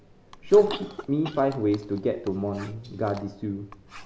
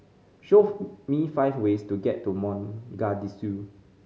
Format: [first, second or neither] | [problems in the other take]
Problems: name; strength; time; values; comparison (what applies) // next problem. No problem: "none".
second | background sound (Chewing, mastication / Cough + Writing); 16 dB below the speech